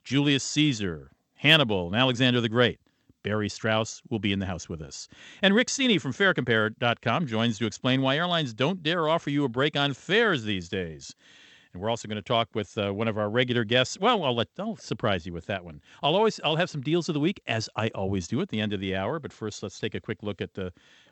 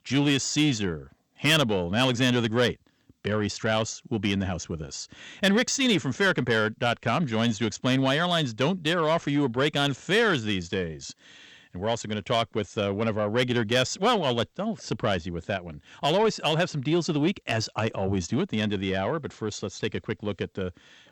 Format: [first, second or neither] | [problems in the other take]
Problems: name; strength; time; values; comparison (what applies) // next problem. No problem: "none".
first | distortion; slight; 10 dB below the speech